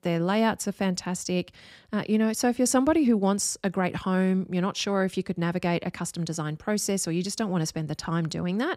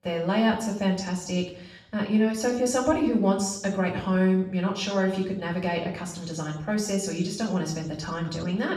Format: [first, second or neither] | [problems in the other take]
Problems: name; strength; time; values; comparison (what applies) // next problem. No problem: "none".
first | room echo; noticeable; dies away in 0.6 s // off-mic speech; far